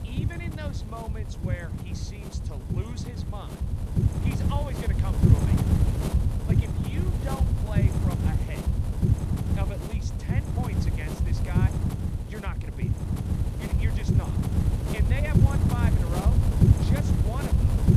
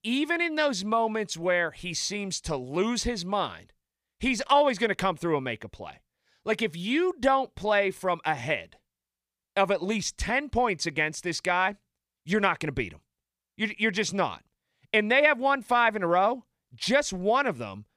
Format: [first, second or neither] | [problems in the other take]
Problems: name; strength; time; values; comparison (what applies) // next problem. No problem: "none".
second | wind noise on the microphone; heavy; 3 dB above the speech